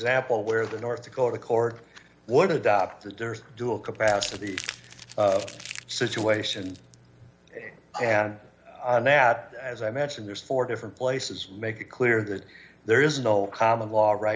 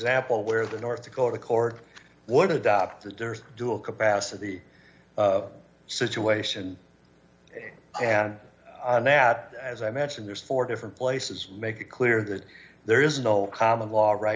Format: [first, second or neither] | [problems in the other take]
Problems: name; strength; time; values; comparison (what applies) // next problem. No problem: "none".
second | background sound (Crumpling, crinkling); 15 dB below the speech